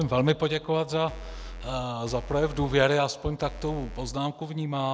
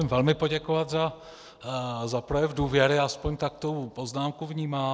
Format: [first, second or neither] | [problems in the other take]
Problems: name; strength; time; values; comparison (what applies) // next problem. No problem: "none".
second | background sound (Bass drum / Keyboard (musical)); 11 dB below the speech